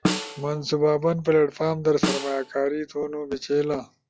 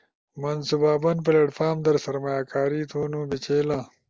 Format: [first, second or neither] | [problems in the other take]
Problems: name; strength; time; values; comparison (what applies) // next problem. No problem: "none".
second | noise reduction (classical method log-MMSE)